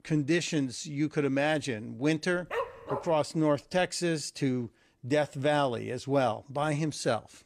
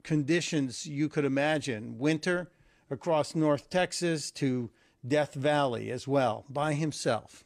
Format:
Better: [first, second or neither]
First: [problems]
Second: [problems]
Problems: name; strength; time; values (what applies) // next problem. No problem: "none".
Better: second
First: dog barking; noticeable; at 2.5 s; peak 5 dB below the speech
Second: none